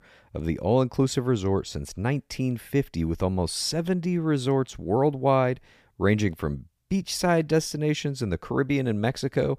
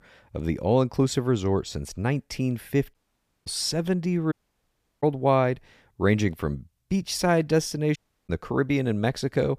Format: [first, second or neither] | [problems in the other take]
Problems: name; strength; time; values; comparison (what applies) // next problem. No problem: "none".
first | audio cutting out; at 3 s for 0.5 s, at 4.5 s for 0.5 s and at 8 s